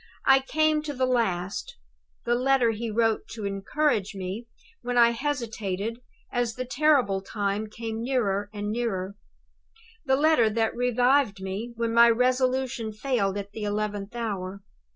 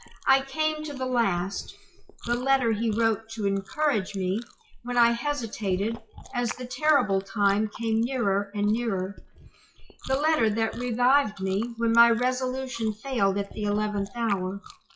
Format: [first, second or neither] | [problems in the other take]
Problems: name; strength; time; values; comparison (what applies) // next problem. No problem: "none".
first | noise reduction (classical method WPE with log-MMSE)